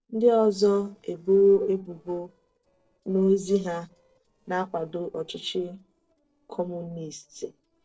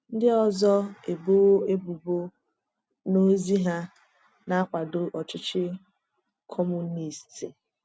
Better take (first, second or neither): second